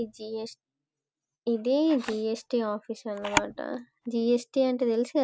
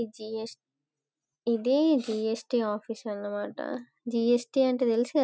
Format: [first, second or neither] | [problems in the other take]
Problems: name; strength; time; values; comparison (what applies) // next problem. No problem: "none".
second | background sound (Camera); 11 dB below the speech